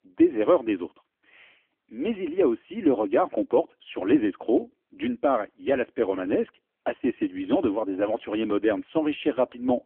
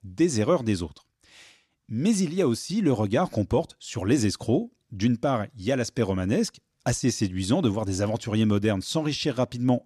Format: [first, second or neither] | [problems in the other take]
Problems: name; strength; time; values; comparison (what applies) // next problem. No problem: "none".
second | phone-call audio; poor line; nothing above 3.5 kHz